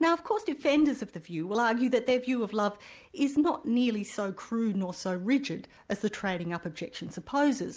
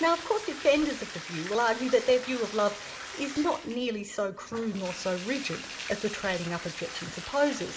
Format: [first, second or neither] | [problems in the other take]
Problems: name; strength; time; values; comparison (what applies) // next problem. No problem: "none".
first | background sound (Bathtub (filling or washing)); 12 dB below the speech // room echo; dies away in 0.9 s